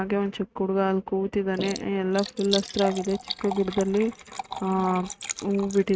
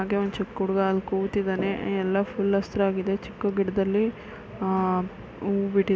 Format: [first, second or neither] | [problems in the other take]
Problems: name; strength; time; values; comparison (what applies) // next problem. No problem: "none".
second | noise reduction (neural mask model RNNoise)